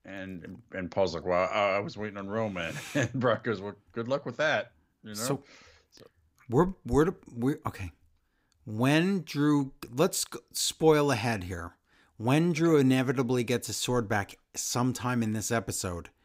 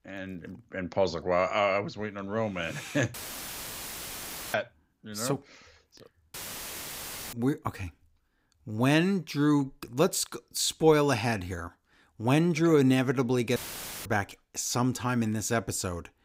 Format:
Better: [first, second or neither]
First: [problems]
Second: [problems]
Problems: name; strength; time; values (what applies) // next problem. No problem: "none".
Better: first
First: none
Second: audio cutting out; filled with static; at 3 s for 1.5 s, at 6.5 s for 1 s and at 14 s